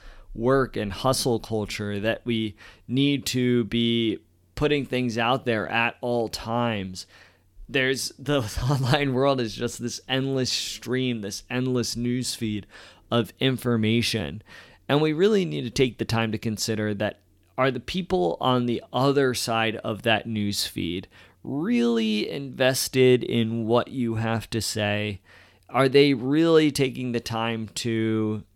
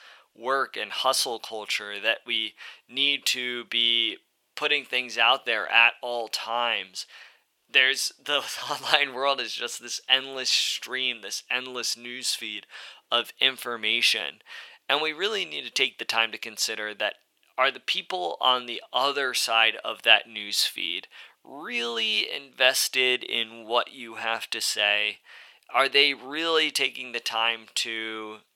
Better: first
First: none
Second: thin; very; fading below 850 Hz

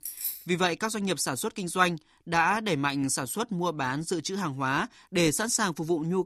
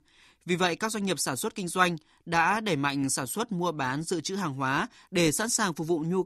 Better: second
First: jangling keys; noticeable; at the start; peak 5 dB below the speech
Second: none

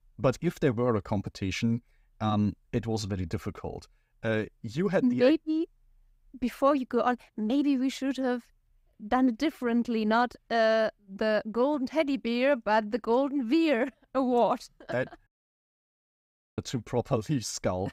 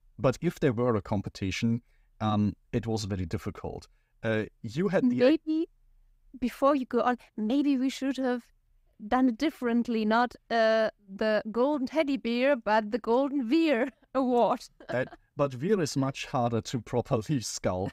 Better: second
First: audio cutting out; at 15 s for 1.5 s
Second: none

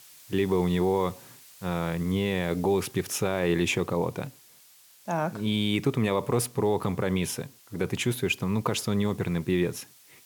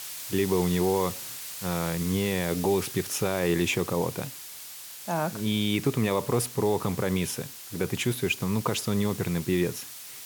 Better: first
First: hiss; faint; throughout; 25 dB below the speech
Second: hiss; loud; throughout; 10 dB below the speech

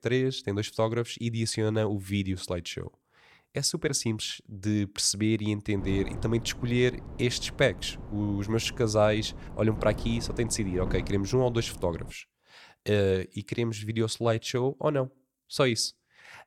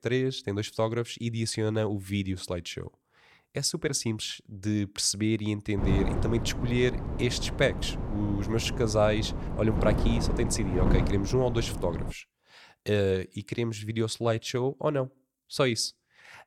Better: first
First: wind noise on the microphone; occasional gusts; from 6 to 12 s; 15 dB below the speech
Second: wind noise on the microphone; heavy; from 6 to 12 s; 7 dB below the speech

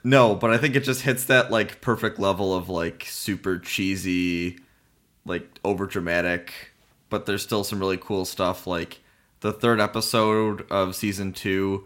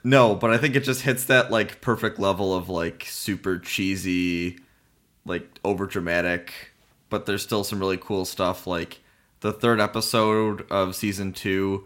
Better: neither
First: none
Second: none

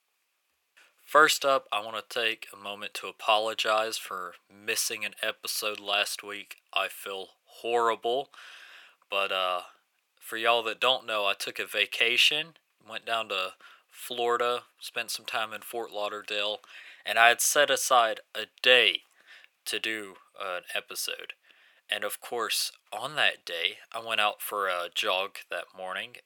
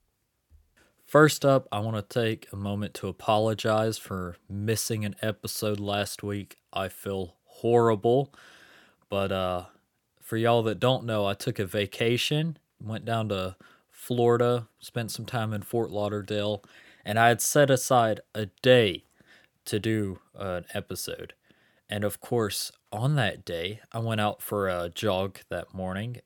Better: second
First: thin; very; fading below 700 Hz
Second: none

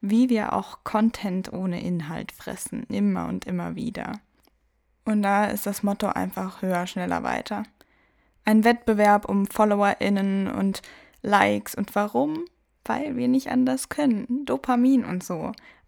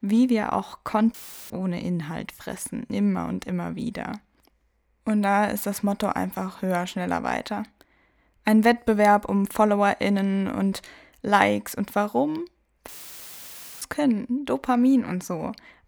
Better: first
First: none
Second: audio cutting out; filled with static; at 1 s and at 13 s for 1 s

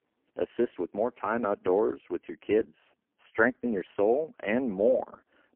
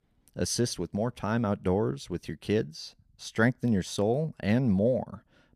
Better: second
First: phone-call audio; poor line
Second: none

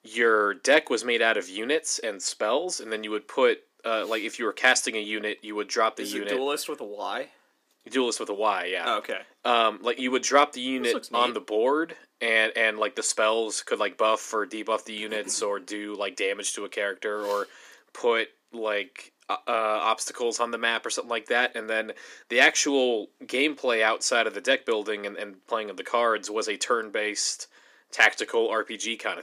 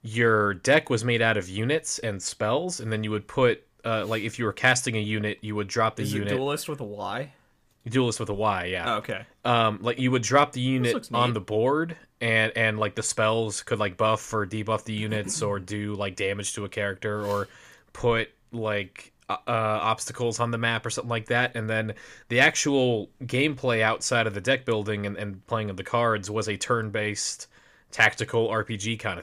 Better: second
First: thin; somewhat; fading below 250 Hz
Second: none

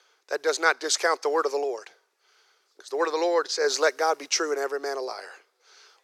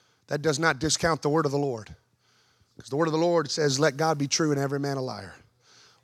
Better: second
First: thin; very; fading below 400 Hz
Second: none

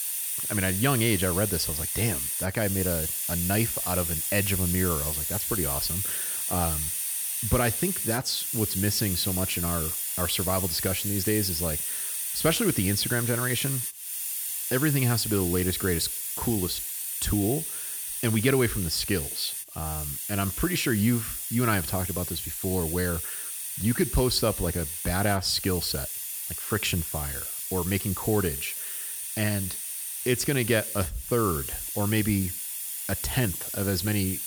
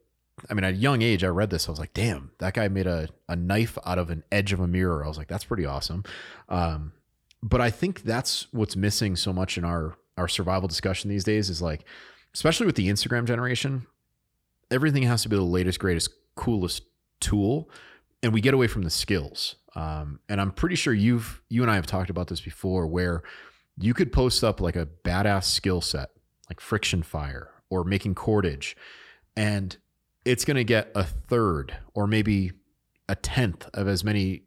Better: second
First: hiss; loud; throughout; 1 dB below the speech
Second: none

